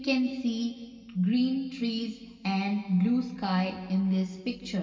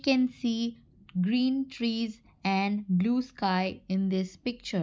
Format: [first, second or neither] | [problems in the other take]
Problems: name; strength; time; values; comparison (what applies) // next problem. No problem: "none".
second | room echo; dies away in 2.3 s